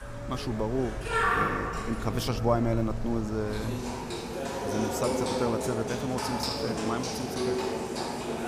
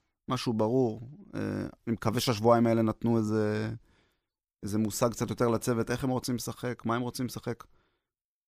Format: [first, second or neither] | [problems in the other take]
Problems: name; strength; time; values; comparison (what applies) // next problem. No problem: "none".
second | animal sounds; very loud; throughout; 1 dB above the speech